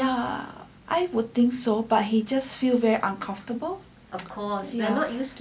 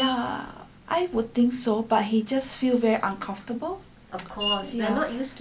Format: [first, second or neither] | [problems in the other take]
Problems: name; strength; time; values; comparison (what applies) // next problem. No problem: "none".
first | background sound (Screech); 13 dB below the speech